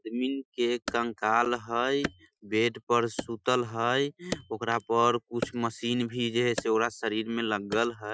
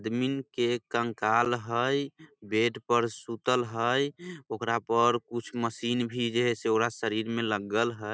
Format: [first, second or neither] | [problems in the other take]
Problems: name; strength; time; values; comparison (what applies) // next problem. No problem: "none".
second | noise reduction (classical method Wiener filter)